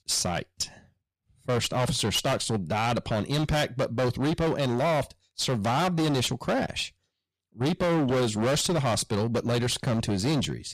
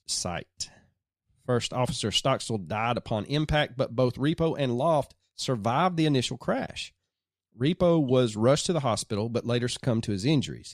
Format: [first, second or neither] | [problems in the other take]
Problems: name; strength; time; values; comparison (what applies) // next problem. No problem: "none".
second | distortion; heavy; 21% of the sound clipped